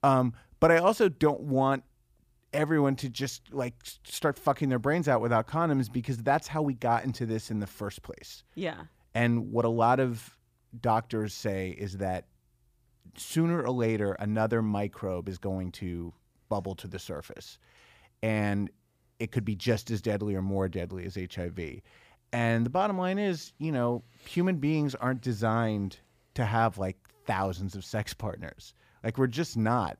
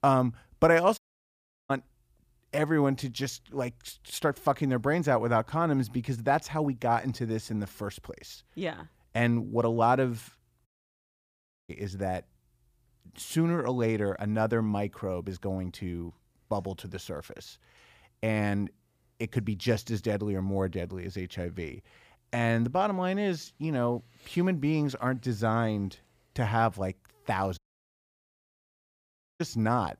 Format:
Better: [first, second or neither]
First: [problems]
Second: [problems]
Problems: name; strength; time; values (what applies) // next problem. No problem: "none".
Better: first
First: none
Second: audio cutting out; at 1 s for 0.5 s, at 11 s for 1 s and at 28 s for 2 s